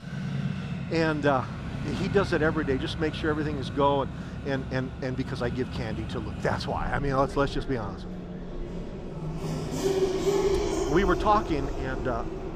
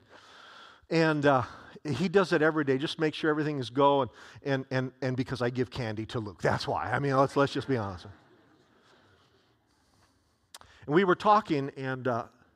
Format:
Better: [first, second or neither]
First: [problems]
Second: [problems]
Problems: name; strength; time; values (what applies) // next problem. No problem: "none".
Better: second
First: traffic noise; loud; throughout; 4 dB below the speech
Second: none